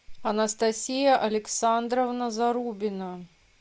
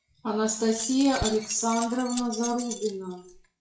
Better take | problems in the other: first | noise reduction (classical method WPE with log-MMSE)

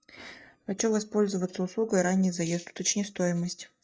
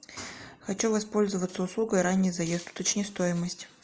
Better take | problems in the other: second | noise reduction (neural mask model DeepFilterNet 3)

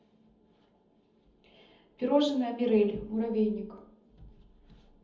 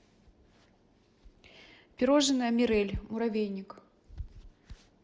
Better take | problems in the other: second | room echo; dies away in 0.6 s

